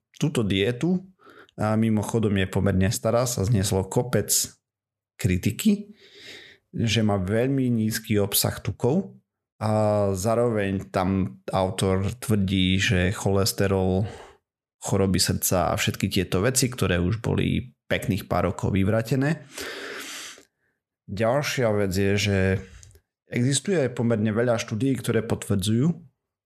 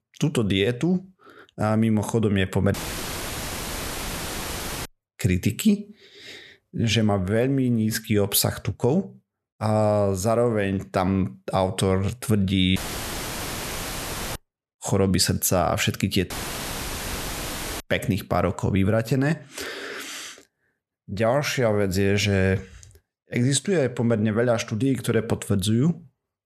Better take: first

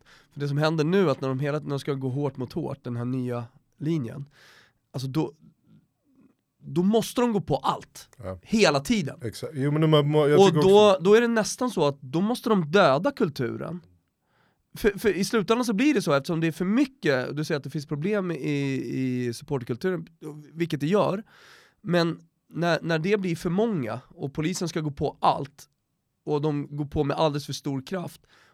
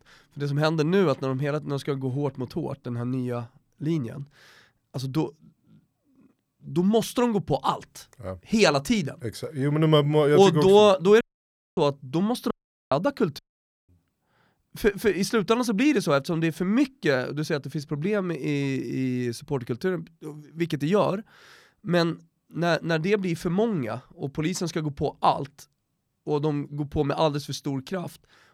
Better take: first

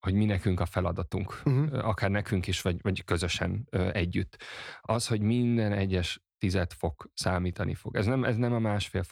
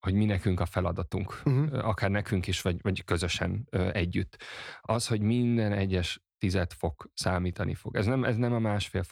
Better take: neither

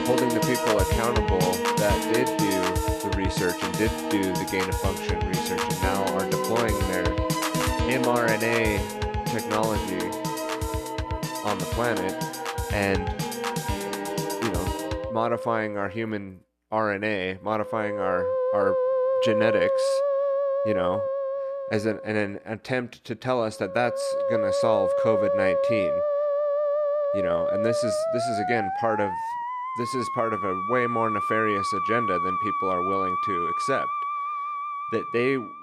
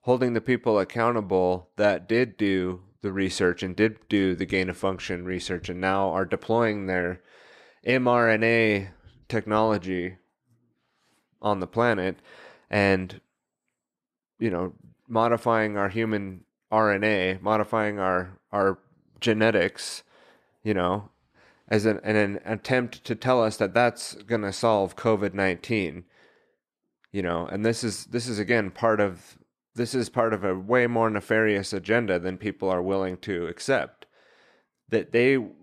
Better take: second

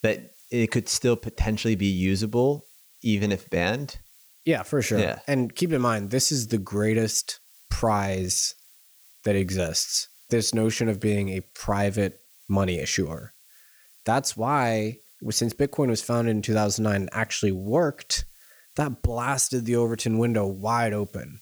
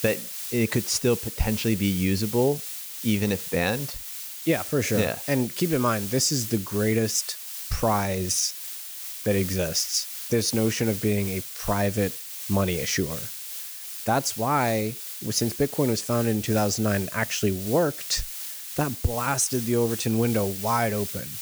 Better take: first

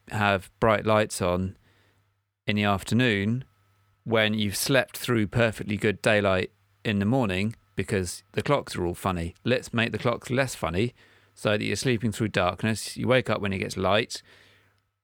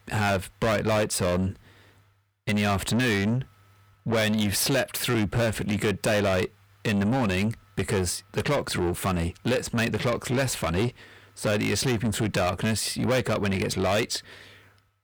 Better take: first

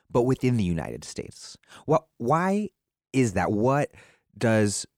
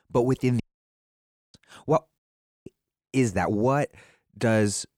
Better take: first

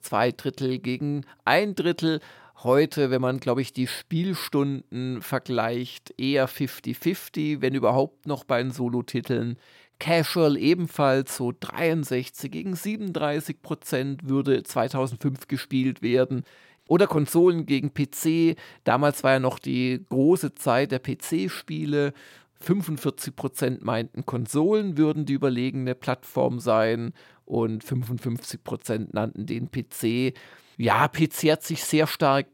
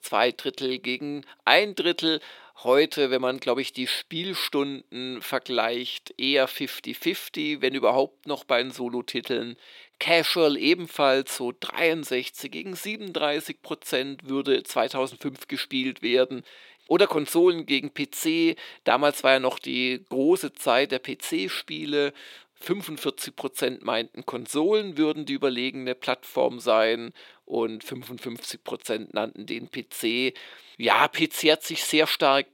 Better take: first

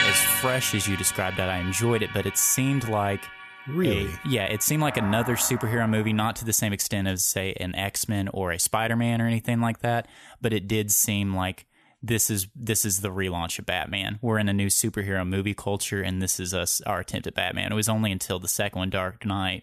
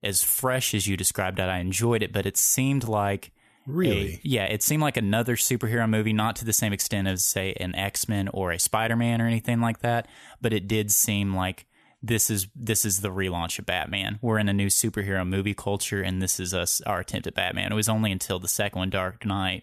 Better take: second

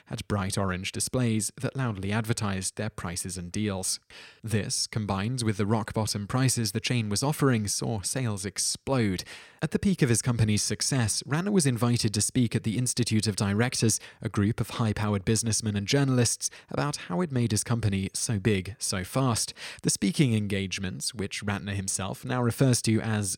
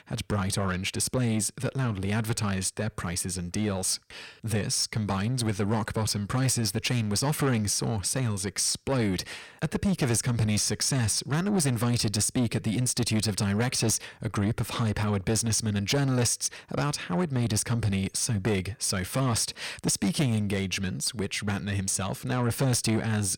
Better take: first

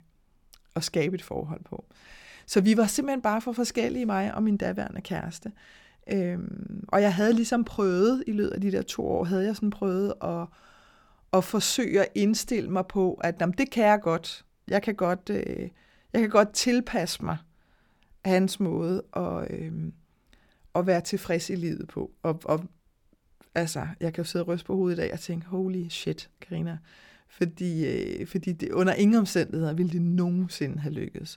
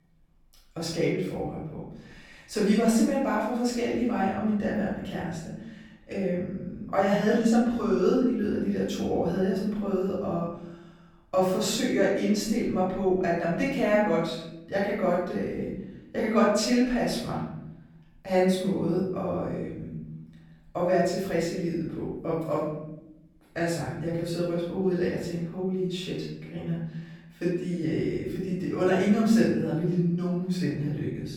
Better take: first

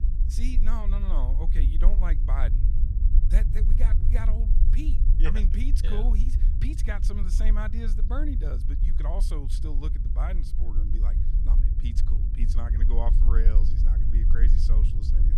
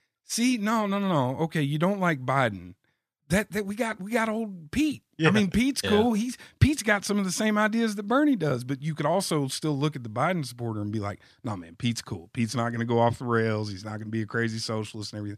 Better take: second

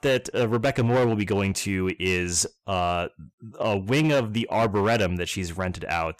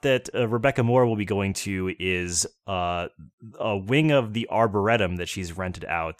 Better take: second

